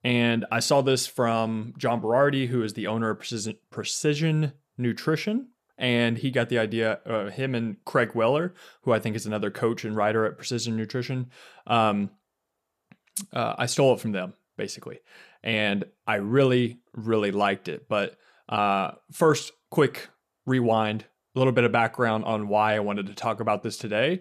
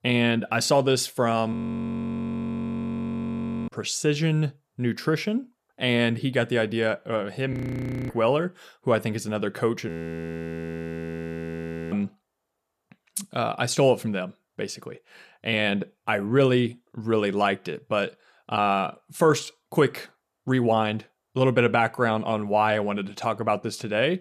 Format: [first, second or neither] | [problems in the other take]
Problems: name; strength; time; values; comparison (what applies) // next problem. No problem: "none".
first | audio freezing; at 1.5 s for 2 s, at 7.5 s for 0.5 s and at 10 s for 2 s